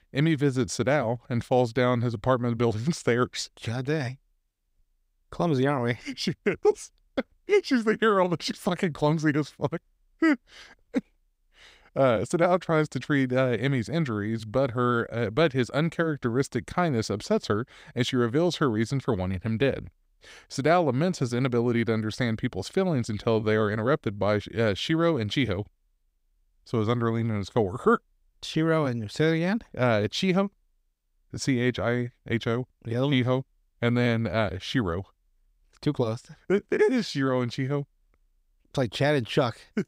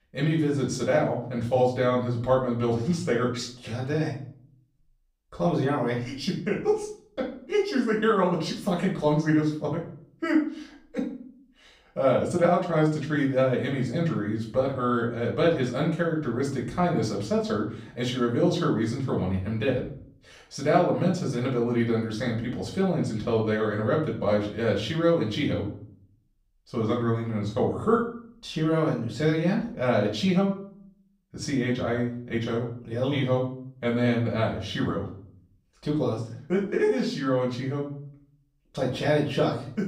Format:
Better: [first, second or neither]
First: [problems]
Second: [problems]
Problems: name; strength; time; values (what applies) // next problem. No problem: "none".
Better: first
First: none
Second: room echo; slight; dies away in 0.5 s // off-mic speech; far